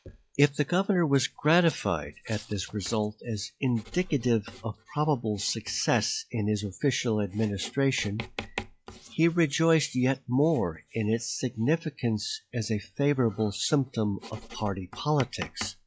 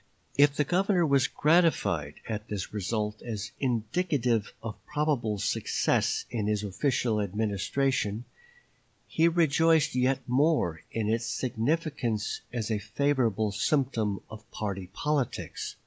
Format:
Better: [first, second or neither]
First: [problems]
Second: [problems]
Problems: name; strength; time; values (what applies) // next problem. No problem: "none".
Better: second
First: noise reduction (classical method log-MMSE)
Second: none